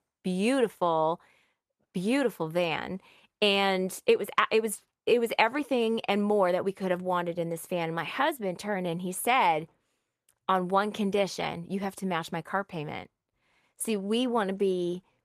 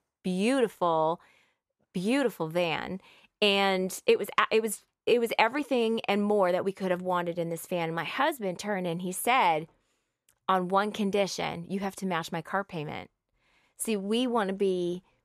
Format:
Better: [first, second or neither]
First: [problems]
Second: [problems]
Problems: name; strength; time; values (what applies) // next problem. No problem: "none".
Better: second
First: garbled, watery; slightly; nothing above 14.5 kHz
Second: none